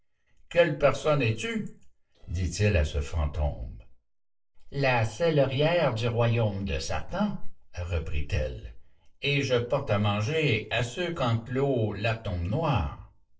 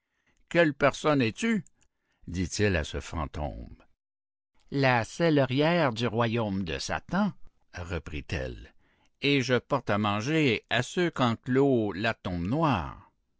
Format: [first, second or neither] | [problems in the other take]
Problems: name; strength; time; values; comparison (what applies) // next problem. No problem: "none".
second | noise reduction (neural separator model SepFormer DNS4)